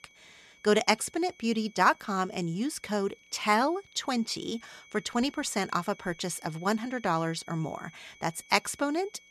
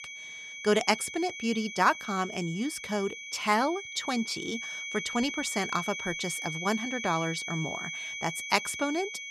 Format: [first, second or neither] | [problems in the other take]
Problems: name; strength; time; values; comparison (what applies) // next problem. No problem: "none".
first | high-pitched whine; loud; throughout; 2.5 kHz, 6 dB below the speech; faint in the first